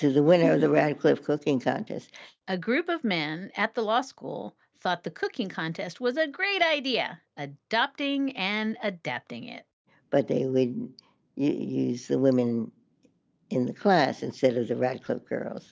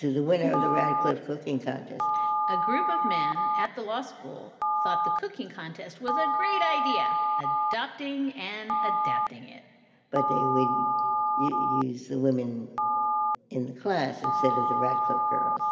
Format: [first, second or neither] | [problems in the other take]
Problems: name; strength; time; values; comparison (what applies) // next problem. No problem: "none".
first | background sound (Telephone); 3 dB above the speech // room echo; dies away in 2.3 s